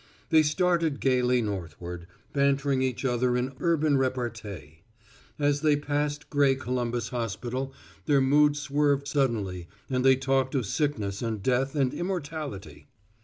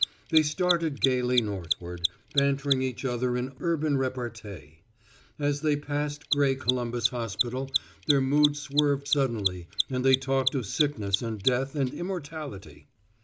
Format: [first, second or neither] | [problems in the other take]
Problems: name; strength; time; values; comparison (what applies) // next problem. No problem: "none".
first | background sound (Mechanisms); 6 dB below the speech